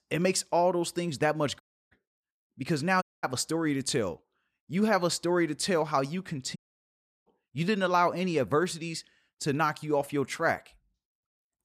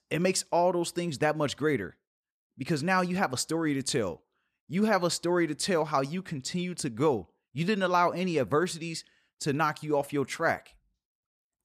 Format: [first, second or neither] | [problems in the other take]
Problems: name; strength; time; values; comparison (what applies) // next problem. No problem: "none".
second | audio cutting out; at 1.5 s, at 3 s and at 6.5 s for 0.5 s